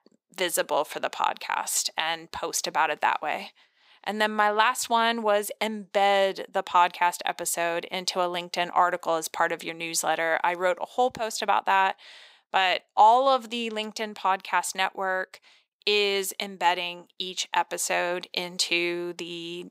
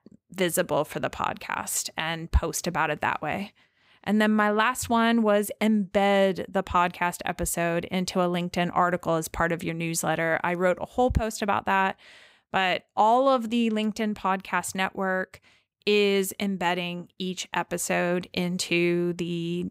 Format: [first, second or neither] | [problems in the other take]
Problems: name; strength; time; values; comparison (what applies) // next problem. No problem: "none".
second | thin; somewhat; fading below 400 Hz